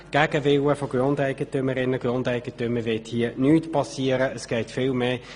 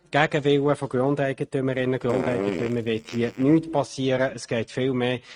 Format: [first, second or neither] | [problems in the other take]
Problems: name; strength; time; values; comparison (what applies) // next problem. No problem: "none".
first | noise reduction (neural mask model RNNoise)